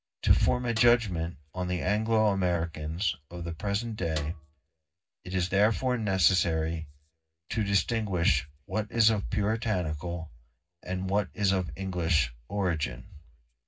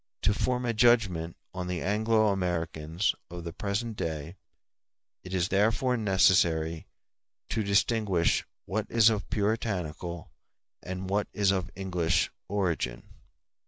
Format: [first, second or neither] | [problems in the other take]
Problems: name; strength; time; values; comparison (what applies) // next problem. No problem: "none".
second | background sound (Snare drum); 16 dB below the speech // room echo; dies away in 0.4 s